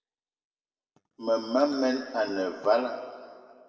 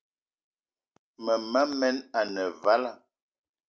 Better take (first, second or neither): second